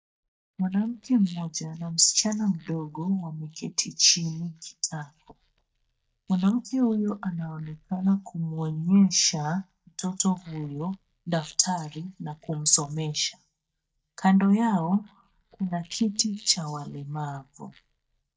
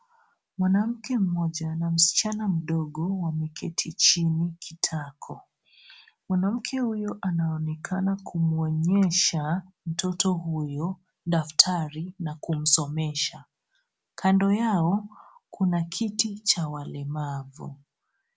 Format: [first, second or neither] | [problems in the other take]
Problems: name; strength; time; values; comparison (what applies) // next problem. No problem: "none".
second | noise reduction (neural mask model DeepFilterNet 3)